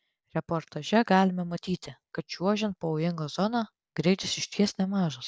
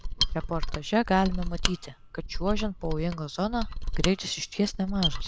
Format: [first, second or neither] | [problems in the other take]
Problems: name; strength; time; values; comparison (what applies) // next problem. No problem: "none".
first | background sound (Mechanisms); 1 dB below the speech